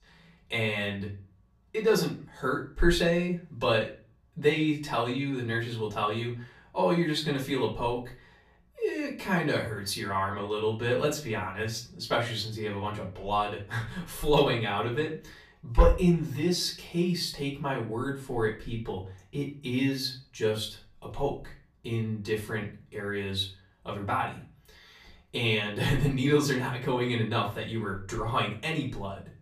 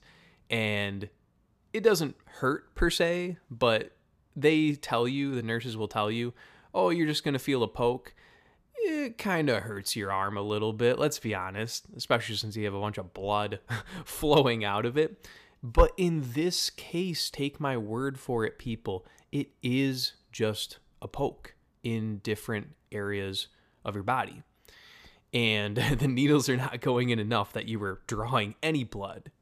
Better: second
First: off-mic speech; far // room echo; slight; dies away in 0.3 s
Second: none

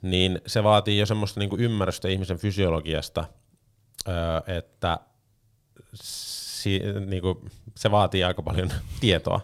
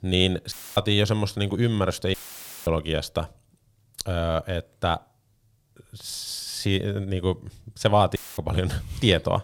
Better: first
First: none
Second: audio cutting out; filled with static; at 0.5 s, at 2 s for 0.5 s and at 8 s

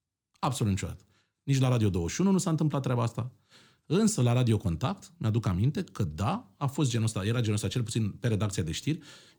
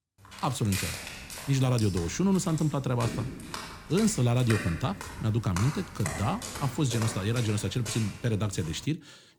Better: first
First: none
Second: footsteps; noticeable; until 9 s; peak 4 dB below the speech

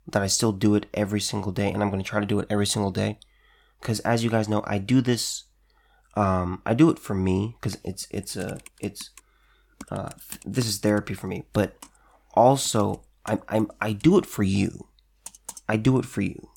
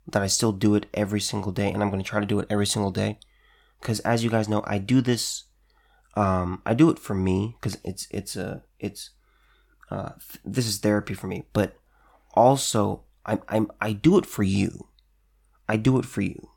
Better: second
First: keyboard typing; faint; from 8 to 16 s; peak 15 dB below the speech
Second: none

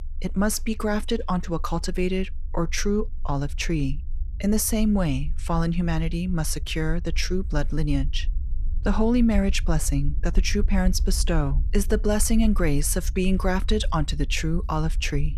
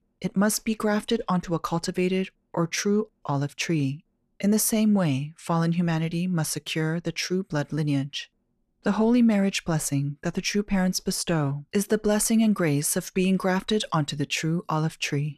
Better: second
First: low rumble; faint; throughout; 25 dB below the speech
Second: none

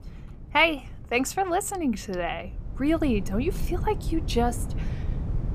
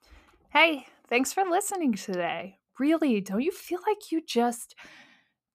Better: second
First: wind noise on the microphone; occasional gusts; 20 dB below the speech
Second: none

